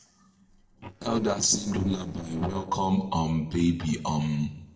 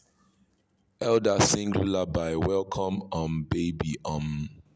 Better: second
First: noise reduction (neural separator model SepFormer DNS4)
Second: none

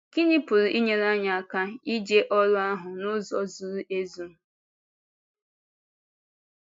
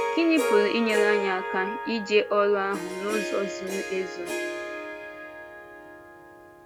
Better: first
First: none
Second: background sound (Harp); 4 dB below the speech

